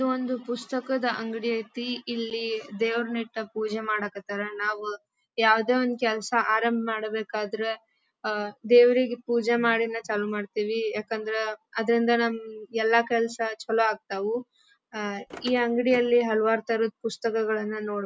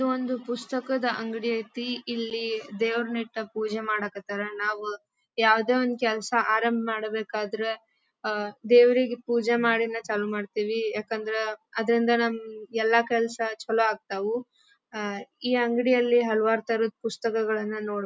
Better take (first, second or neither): second